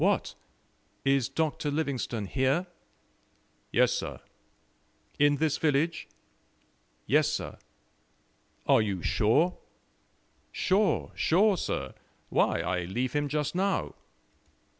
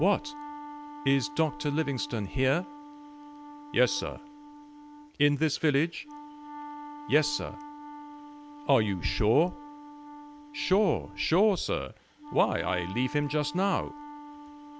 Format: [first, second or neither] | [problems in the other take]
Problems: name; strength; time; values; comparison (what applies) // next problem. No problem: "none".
first | background sound (Wind instrument, woodwind instrument); 14 dB below the speech